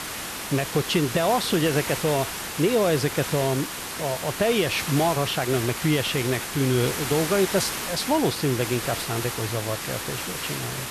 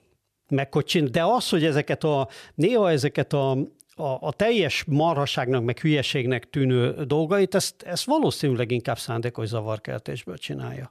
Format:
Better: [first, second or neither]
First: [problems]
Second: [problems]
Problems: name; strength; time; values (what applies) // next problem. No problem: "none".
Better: second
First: hiss; loud; throughout; 5 dB below the speech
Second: none